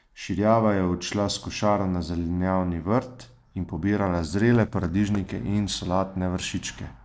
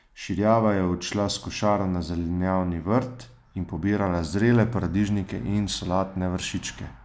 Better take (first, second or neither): second